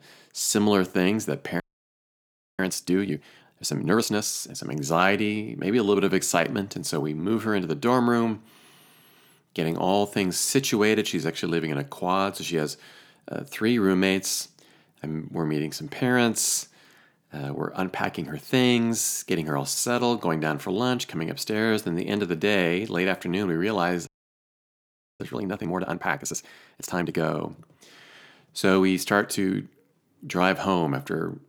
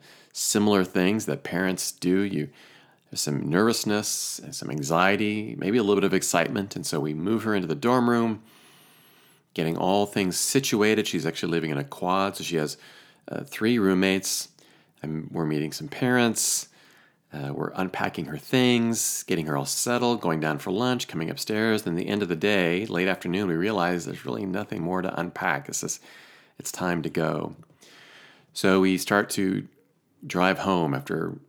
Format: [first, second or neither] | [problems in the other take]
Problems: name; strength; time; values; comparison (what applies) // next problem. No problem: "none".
second | audio freezing; at 1.5 s for 1 s and at 24 s for 1 s